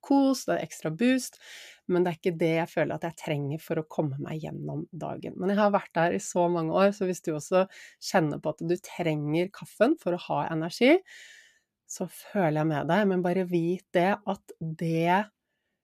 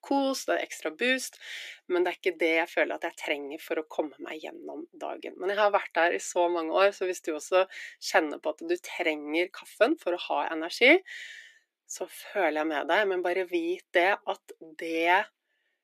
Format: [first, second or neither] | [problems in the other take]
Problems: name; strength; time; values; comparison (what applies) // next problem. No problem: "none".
first | thin; somewhat; fading below 300 Hz